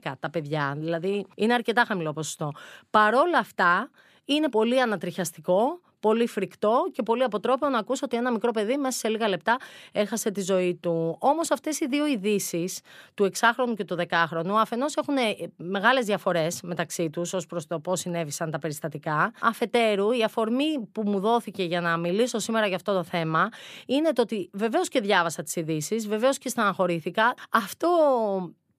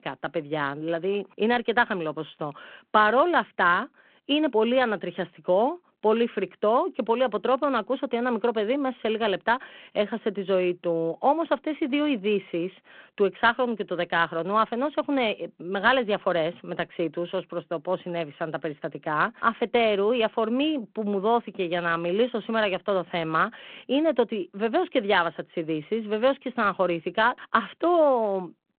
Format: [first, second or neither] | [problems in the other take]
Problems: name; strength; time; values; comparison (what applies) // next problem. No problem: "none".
first | phone-call audio